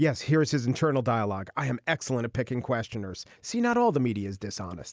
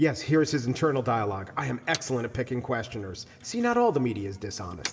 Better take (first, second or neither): first